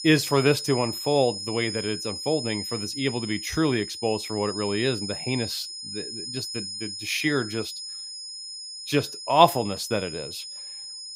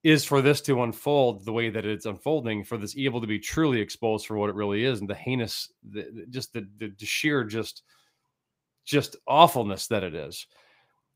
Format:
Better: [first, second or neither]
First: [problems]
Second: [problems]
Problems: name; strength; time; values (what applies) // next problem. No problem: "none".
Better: second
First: high-pitched whine; loud; throughout; 5 kHz, 7 dB below the speech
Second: none